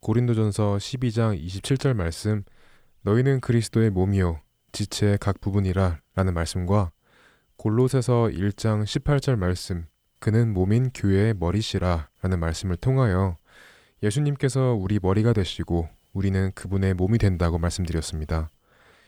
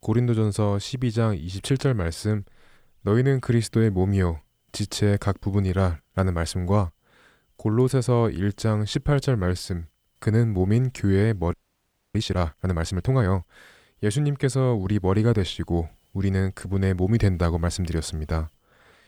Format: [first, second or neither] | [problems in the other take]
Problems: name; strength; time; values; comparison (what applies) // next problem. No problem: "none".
first | audio freezing; at 12 s for 0.5 s